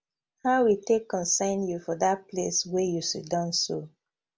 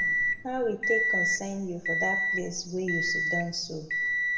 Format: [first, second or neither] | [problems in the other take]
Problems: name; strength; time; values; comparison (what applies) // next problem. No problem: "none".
first | background sound (Microwave oven); 4 dB above the speech // room echo; dies away in 0.8 s